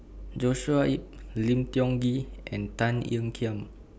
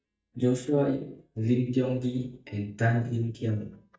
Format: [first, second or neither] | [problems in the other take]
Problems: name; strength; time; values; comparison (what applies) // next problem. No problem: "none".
first | noise reduction (neural mask model DeepFilterNet 3)